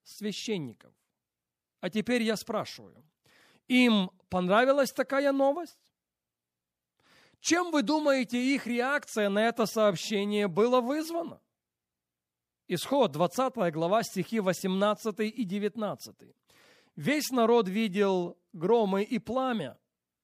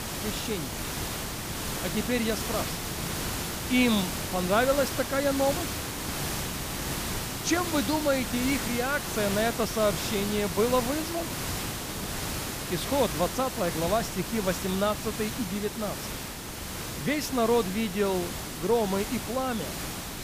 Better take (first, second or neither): first